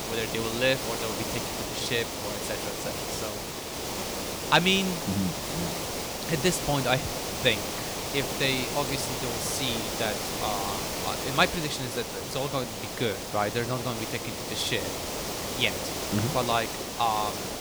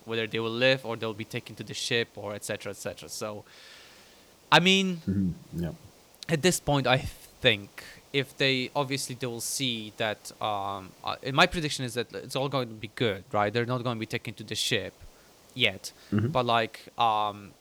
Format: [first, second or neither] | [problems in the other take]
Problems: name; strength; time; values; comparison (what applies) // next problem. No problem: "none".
second | hiss; loud; throughout; 2 dB below the speech; faint in the second